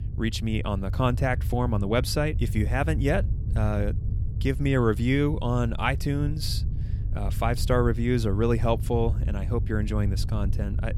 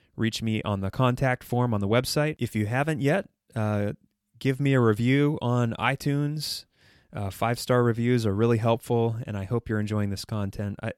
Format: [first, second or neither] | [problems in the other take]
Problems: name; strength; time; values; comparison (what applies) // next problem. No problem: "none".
second | low rumble; noticeable; throughout; 15 dB below the speech